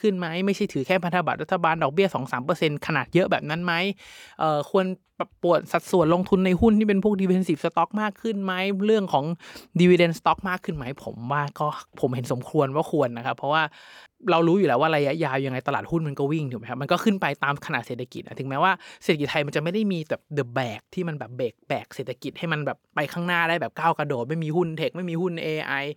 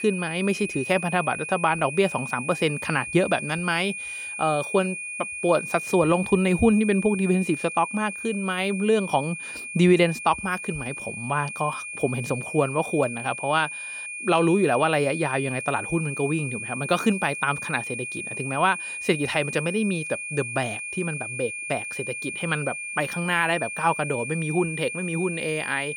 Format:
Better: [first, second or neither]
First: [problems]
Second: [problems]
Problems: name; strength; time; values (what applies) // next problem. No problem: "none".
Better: first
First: none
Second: high-pitched whine; loud; throughout; 2.5 kHz, 7 dB below the speech